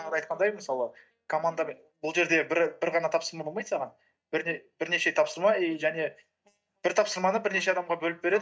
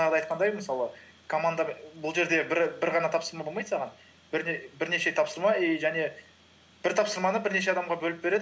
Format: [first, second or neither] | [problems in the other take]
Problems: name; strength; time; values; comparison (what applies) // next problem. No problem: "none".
second | noise reduction (neural mask model DeepFilterNet 3)